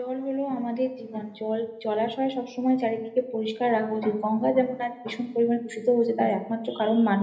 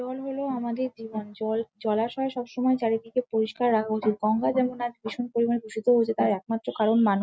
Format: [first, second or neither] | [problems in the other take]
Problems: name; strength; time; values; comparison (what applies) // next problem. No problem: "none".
second | room echo; dies away in 0.8 s